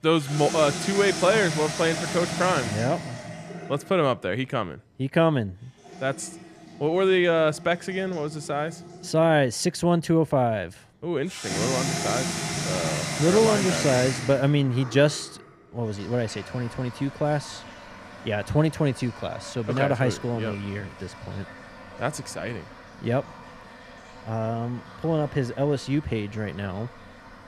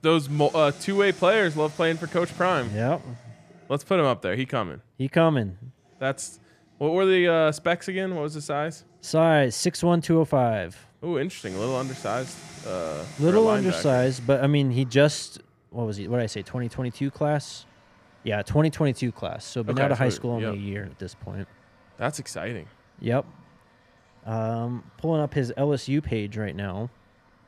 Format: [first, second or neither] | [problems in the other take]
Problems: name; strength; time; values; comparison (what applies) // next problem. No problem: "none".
second | household noises; loud; throughout; 7 dB below the speech; faint in the second